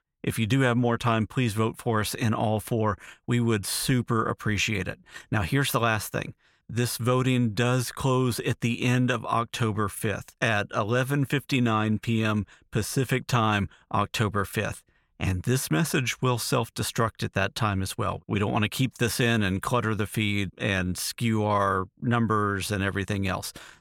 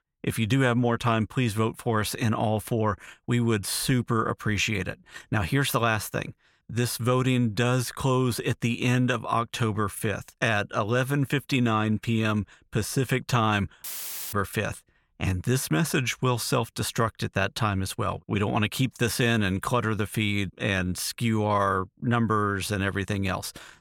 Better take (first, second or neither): first